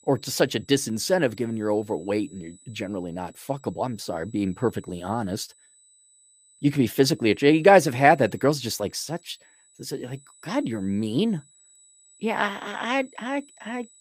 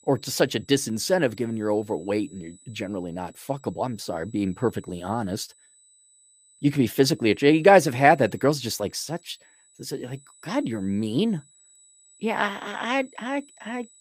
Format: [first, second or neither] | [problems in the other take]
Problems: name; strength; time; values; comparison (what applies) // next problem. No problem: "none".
neither | high-pitched whine; faint; throughout; 8 kHz, 30 dB below the speech; the same in both